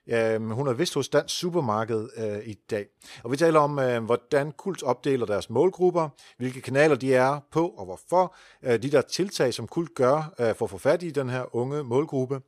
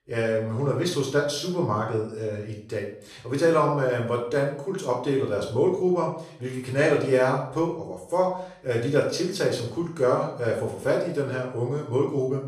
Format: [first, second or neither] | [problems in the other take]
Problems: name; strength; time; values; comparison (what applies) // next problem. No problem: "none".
first | off-mic speech; far // room echo; slight; dies away in 0.5 s